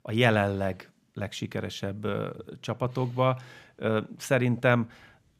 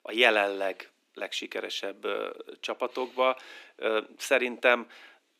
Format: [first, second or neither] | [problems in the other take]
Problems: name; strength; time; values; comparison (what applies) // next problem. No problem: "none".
first | thin; very; fading below 300 Hz